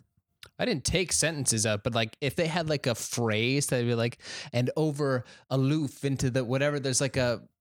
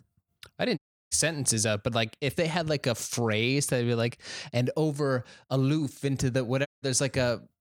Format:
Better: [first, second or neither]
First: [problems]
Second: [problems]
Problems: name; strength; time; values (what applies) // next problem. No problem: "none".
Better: first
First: none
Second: audio cutting out; at 1 s and at 6.5 s